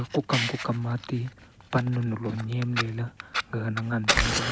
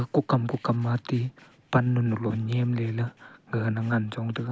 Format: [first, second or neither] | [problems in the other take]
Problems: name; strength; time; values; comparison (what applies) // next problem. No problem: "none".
second | background sound (Fire); 3 dB below the speech